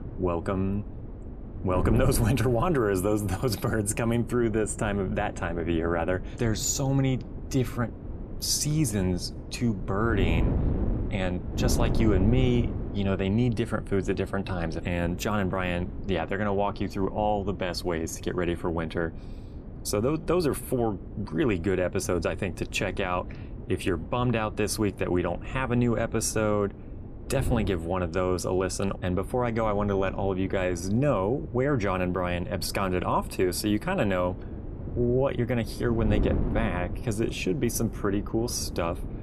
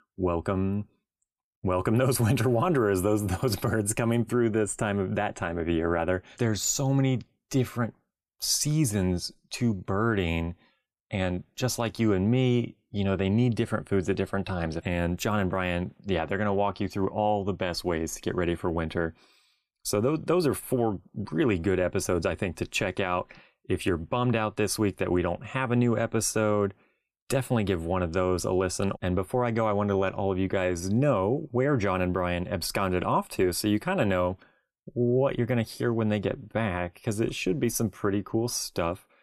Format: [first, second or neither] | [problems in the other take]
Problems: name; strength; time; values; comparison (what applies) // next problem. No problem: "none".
second | wind noise on the microphone; occasional gusts; 15 dB below the speech